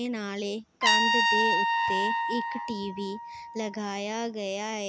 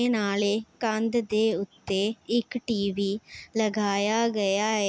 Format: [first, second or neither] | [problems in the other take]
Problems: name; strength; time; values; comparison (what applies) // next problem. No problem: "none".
second | background sound (Trumpet); 4 dB above the speech